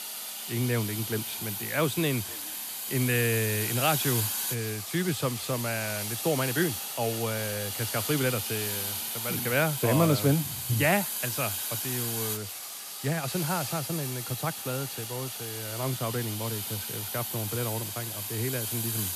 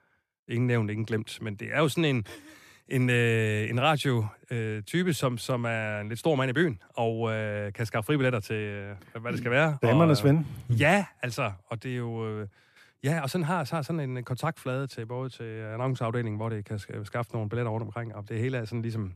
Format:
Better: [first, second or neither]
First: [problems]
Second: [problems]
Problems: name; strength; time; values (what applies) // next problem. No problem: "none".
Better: second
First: hiss; loud; throughout; 2 dB below the speech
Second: none